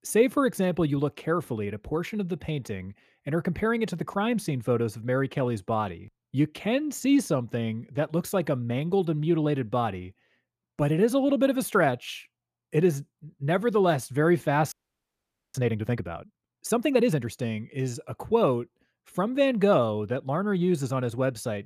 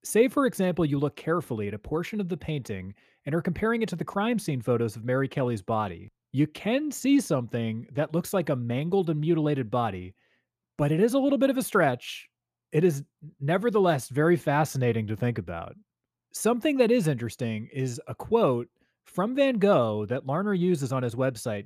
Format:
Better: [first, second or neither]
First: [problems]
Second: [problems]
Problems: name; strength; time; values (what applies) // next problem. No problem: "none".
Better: second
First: audio freezing; at 15 s for 1 s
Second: none